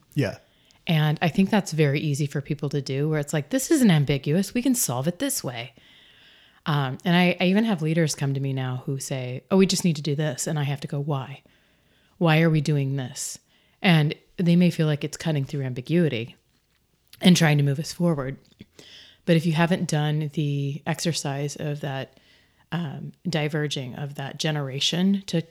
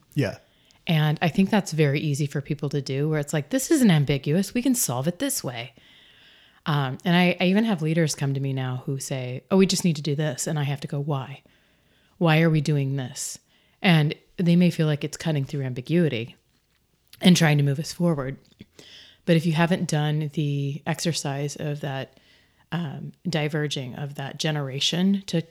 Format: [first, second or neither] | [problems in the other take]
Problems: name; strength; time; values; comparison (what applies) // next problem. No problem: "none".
neither | none